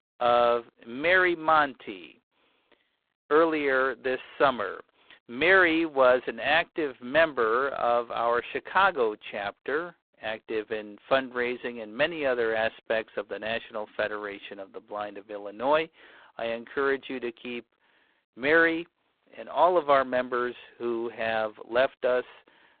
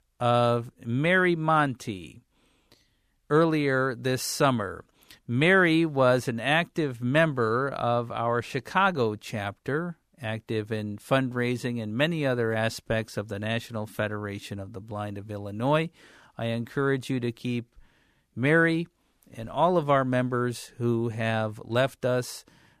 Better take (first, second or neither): second